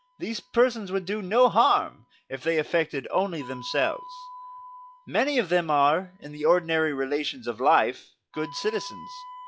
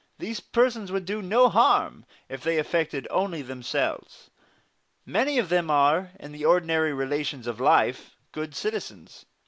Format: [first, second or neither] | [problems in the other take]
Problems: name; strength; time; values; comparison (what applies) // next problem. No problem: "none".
second | noise reduction (classical method log-MMSE)